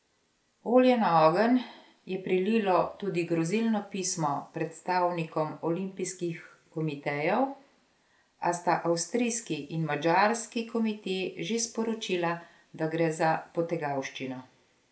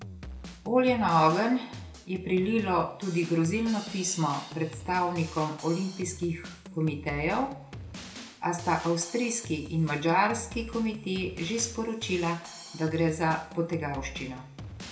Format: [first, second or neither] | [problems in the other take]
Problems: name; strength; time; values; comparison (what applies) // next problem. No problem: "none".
first | background sound (Drum kit); 14 dB below the speech // room echo; dies away in 0.5 s